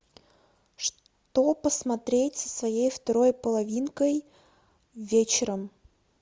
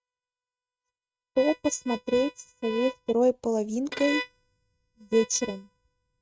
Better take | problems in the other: first | noise reduction (neural mask model RNNoise)

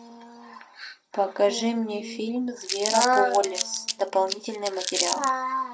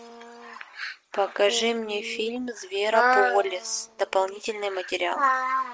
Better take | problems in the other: second | background sound (Crumpling, crinkling); 5 dB below the speech // room echo; dies away in 0.2 s

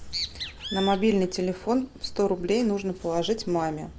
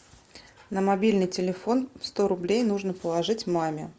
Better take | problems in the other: second | background sound (Bird); 12 dB below the speech

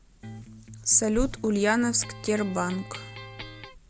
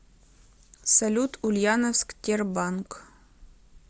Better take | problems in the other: second | background sound (Electric guitar + Bird); 11 dB below the speech

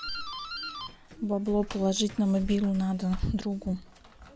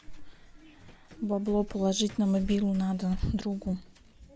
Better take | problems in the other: second | background sound (Doorbell); 14 dB below the speech

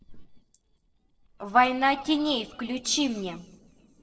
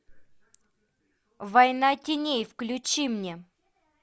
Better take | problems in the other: second | noise reduction (neural separator model SepFormer DNS4)

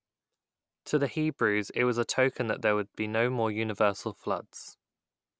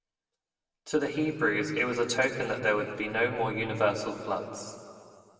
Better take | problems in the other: first | room echo; dies away in 2.1 s

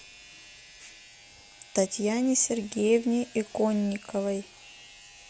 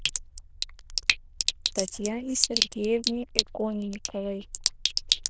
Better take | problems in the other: first | noise reduction (neural diffusion model UNIVERSE++)

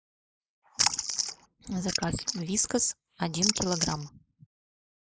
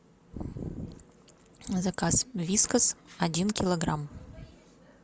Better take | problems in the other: second | noise reduction (neural mask model Resemble Enhance denoiser)

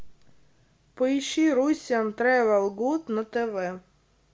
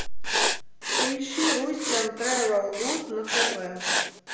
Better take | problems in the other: first | background sound (Writing); as loud as the speech // room echo; dies away in 0.9 s

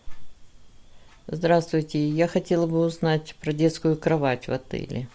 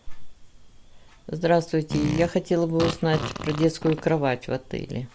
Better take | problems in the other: first | background sound (Fart); 7 dB below the speech

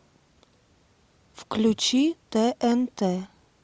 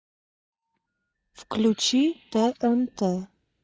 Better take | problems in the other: first | noise reduction (neural mask model DeepFilterNet 3)

